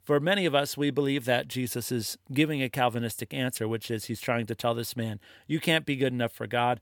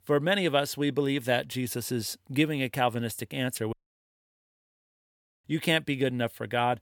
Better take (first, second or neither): first